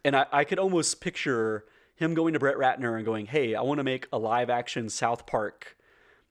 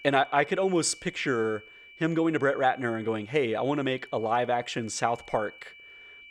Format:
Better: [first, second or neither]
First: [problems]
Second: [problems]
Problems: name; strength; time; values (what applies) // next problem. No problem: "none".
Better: first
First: none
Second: high-pitched whine; faint; throughout; 2.5 kHz, 20 dB below the speech